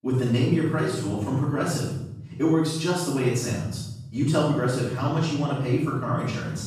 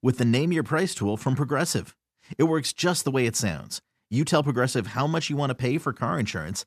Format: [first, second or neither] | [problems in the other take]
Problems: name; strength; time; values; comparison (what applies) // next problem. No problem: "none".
second | off-mic speech; far // room echo; strong; dies away in 1.3 s